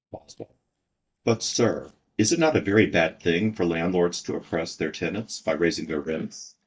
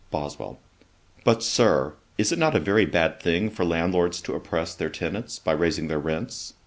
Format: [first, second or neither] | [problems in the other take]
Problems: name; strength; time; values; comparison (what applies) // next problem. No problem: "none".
second | noise reduction (neural mask model DeepFilterNet 3)